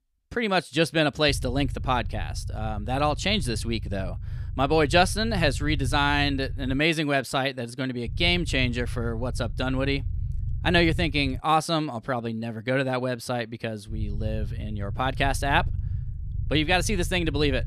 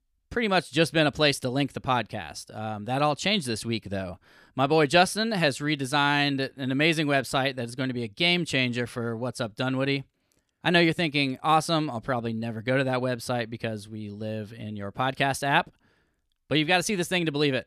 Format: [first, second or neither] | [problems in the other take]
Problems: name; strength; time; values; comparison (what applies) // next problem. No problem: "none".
second | low rumble; faint; from 1.5 to 7 s, from 8 to 11 s and from 14 s on; 25 dB below the speech